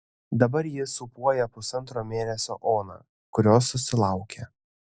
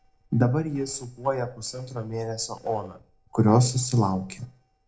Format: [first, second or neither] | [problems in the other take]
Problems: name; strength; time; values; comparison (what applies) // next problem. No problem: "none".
first | noise reduction (neural separator model SepFormer DNS4)